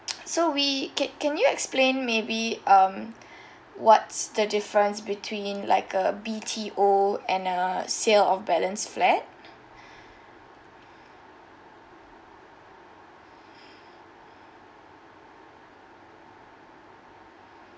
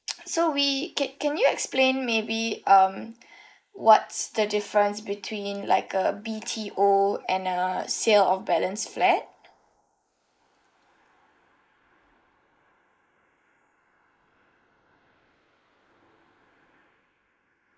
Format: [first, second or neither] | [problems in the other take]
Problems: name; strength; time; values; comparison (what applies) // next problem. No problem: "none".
first | noise reduction (neural mask model Resemble Enhance denoiser)